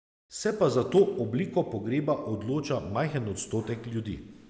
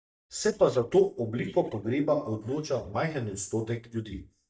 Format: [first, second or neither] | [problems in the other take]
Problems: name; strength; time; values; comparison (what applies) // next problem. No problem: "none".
first | noise reduction (neural mask model DeepFilterNet 3)